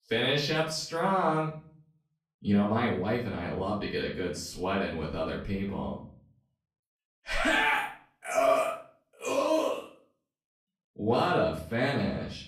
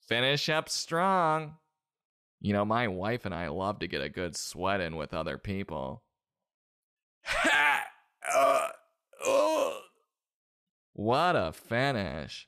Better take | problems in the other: second | off-mic speech; far // room echo; slight; dies away in 0.4 s

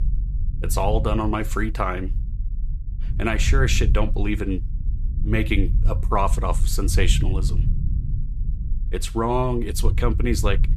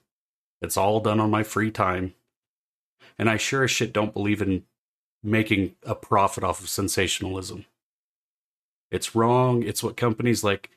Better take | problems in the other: second | low rumble; noticeable; throughout; 15 dB below the speech

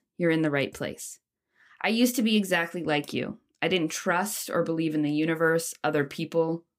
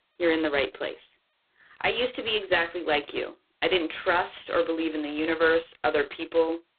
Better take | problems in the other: first | phone-call audio; poor line; nothing above 4 kHz

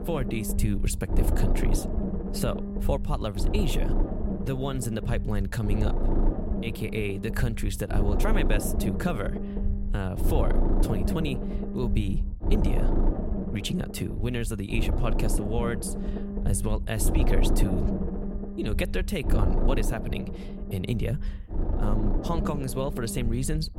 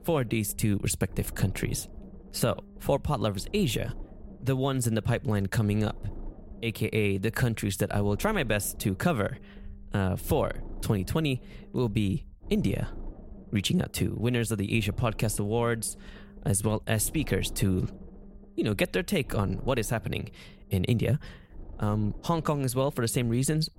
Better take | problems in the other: second | low rumble; loud; throughout; 3 dB below the speech; faint in the second

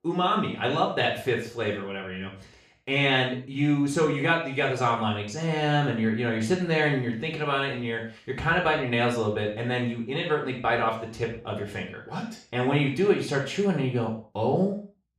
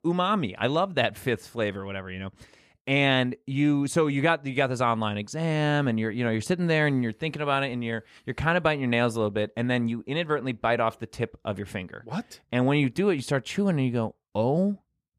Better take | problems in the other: second | room echo; noticeable; dies away in 0.4 s // off-mic speech; far

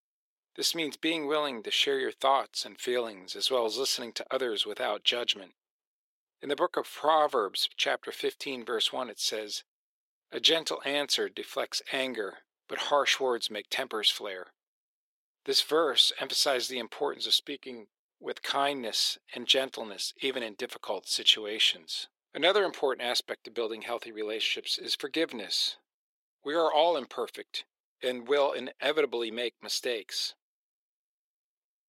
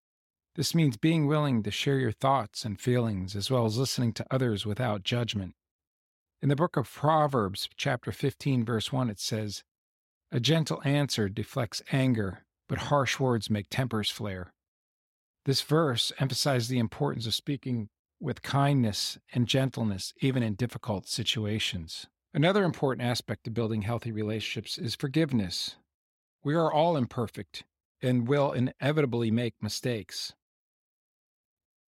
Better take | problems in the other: second | thin; very; fading below 400 Hz

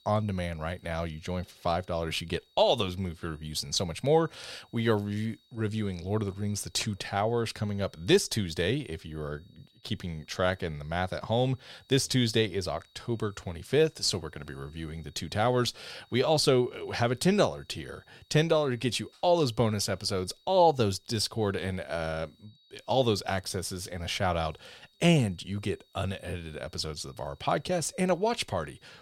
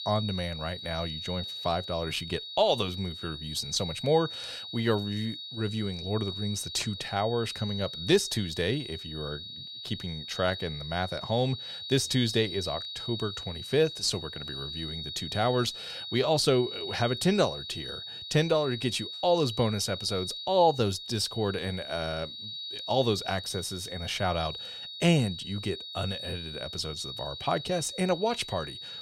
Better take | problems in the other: first | high-pitched whine; loud; throughout; 4 kHz, 7 dB below the speech; faint in the first

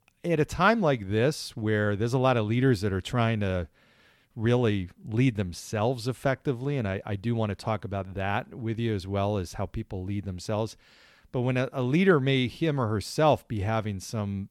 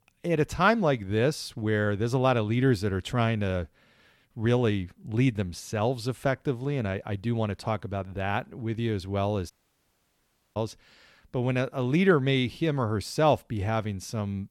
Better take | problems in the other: first | audio cutting out; at 9.5 s for 1 s

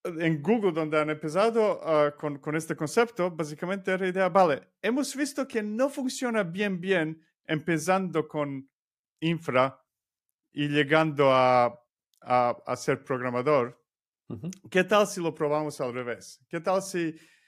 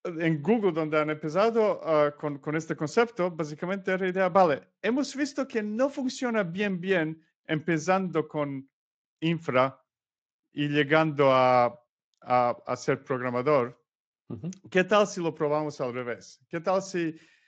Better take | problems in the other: first | garbled, watery; slightly; nothing above 7.5 kHz

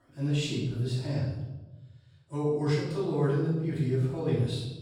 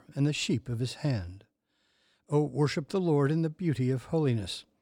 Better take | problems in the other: second | off-mic speech; far // room echo; noticeable; dies away in 0.9 s

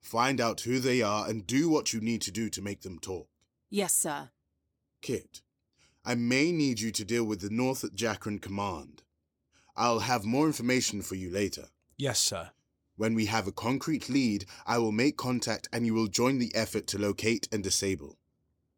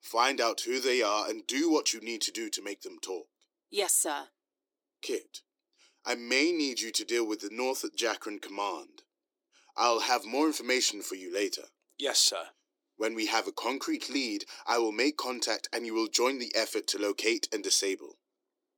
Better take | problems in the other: first | thin; somewhat; fading below 300 Hz

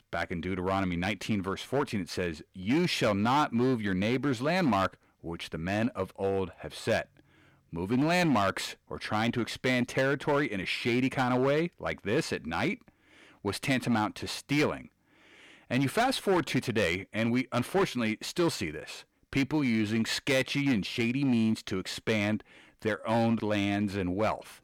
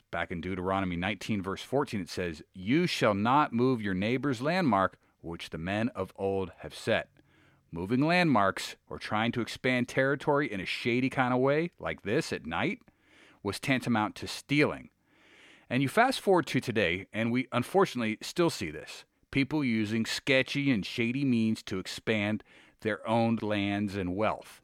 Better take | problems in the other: second | distortion; slight; 6% of the sound clipped

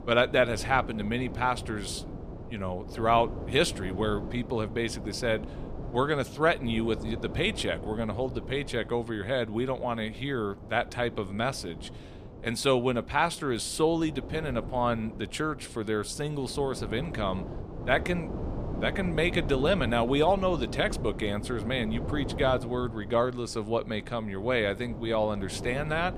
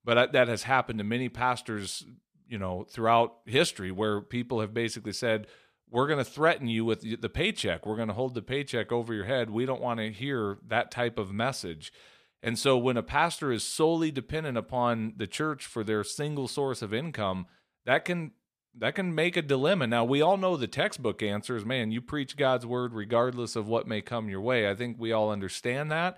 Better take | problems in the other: second | wind noise on the microphone; occasional gusts; 15 dB below the speech

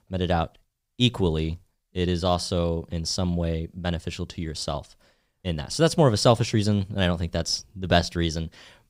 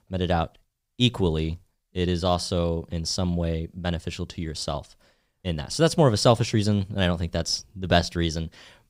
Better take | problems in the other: neither | none

